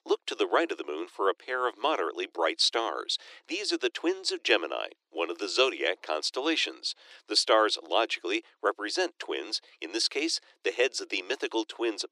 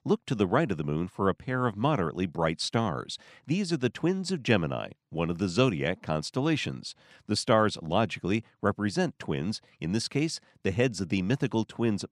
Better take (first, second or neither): second